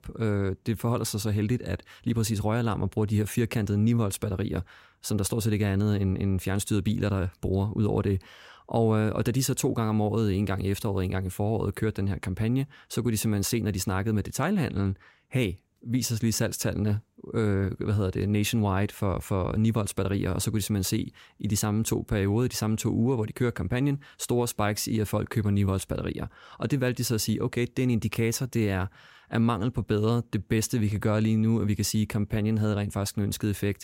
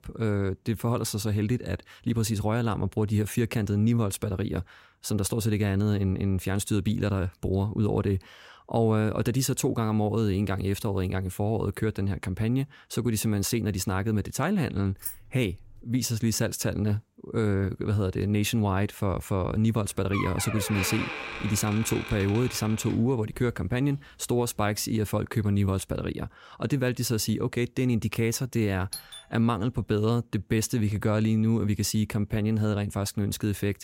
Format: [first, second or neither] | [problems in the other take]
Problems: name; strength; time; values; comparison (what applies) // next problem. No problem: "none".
first | jangling keys; noticeable; at 15 s; peak 9 dB below the speech // door banging; noticeable; from 20 to 24 s; peak 3 dB below the speech // doorbell; faint; at 29 s; peak 10 dB below the speech